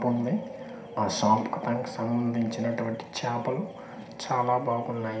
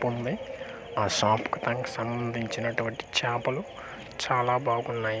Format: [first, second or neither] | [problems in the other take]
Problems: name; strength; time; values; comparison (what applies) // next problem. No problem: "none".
second | room echo; dies away in 0.5 s